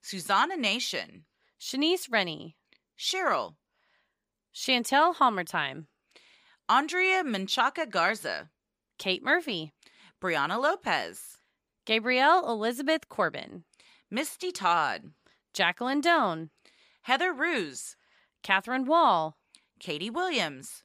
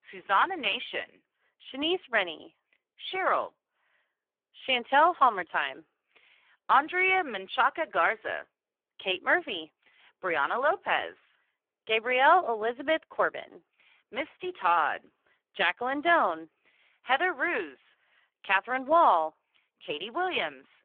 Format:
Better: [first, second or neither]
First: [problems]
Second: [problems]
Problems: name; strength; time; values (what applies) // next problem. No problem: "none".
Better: first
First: none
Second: phone-call audio; poor line